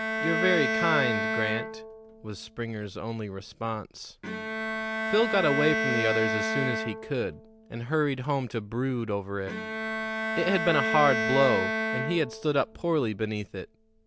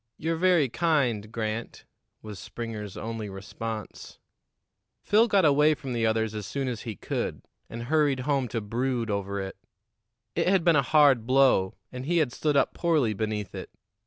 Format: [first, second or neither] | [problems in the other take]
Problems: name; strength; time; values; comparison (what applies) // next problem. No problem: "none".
second | background sound (Bowed string instrument); 2 dB below the speech